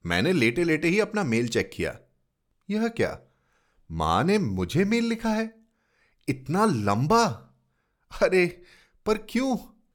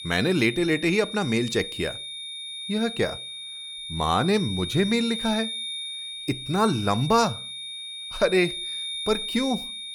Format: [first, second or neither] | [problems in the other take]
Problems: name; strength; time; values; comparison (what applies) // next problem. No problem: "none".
first | high-pitched whine; loud; throughout; 3.5 kHz, 7 dB below the speech